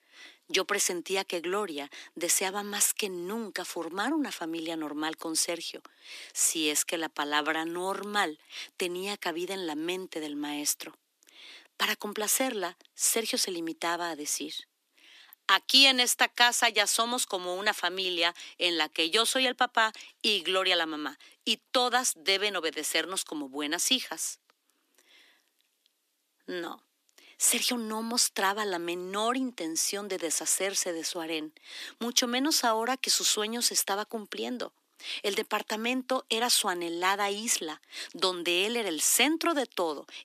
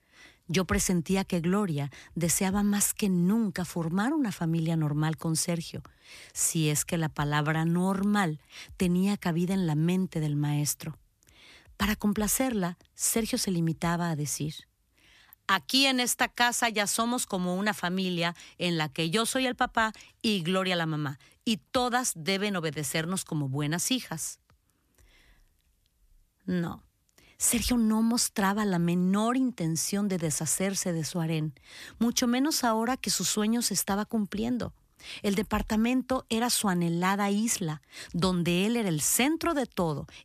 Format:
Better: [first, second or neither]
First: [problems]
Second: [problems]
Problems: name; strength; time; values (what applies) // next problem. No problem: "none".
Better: second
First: thin; somewhat; fading below 300 Hz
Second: none